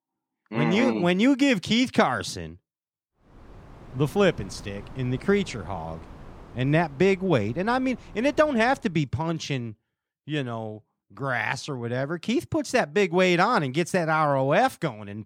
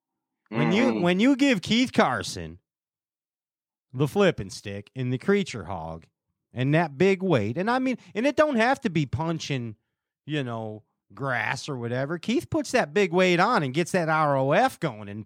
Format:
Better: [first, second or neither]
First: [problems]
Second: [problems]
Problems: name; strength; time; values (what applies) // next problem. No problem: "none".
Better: second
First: wind noise on the microphone; occasional gusts; from 3.5 to 9 s; 25 dB below the speech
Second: none